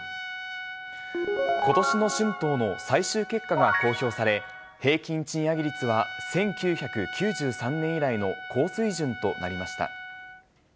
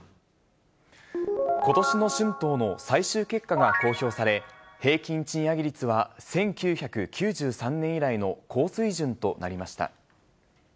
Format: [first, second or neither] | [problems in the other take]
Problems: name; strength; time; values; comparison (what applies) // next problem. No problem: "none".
second | background sound (Trumpet); 11 dB below the speech